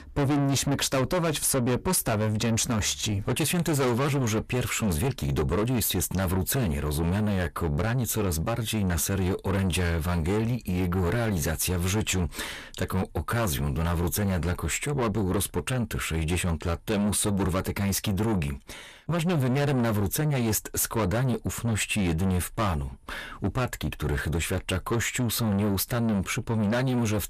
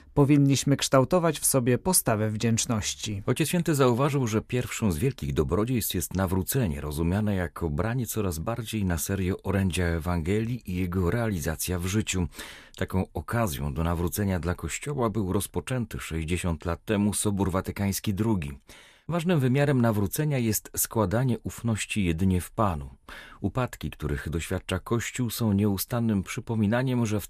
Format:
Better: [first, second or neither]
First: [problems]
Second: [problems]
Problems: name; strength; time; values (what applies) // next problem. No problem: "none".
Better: second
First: distortion; heavy; 6 dB below the speech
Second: none